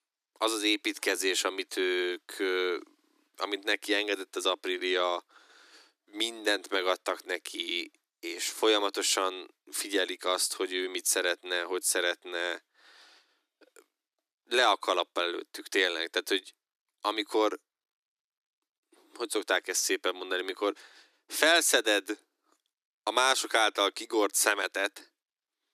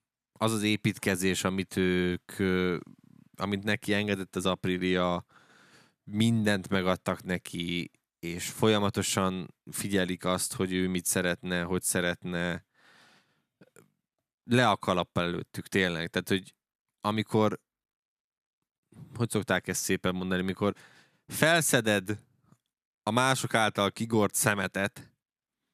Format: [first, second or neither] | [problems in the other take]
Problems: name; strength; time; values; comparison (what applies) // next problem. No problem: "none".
second | thin; very; fading below 300 Hz